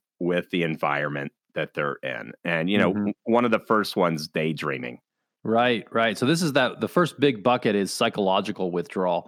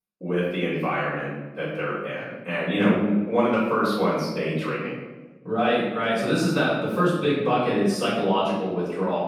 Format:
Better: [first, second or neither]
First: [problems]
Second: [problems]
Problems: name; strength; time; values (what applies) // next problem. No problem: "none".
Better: first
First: none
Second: off-mic speech; far // room echo; noticeable; dies away in 1 s